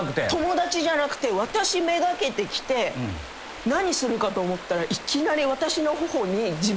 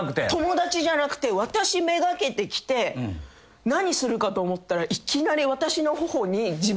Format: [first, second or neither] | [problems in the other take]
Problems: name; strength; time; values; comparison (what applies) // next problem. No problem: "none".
second | background sound (Stream); 14 dB below the speech